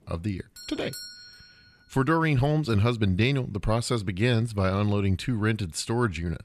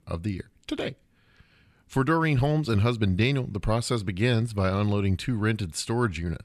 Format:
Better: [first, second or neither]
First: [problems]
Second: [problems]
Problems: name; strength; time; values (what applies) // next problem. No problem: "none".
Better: second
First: doorbell; faint; from 0.5 to 1.5 s; peak 10 dB below the speech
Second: none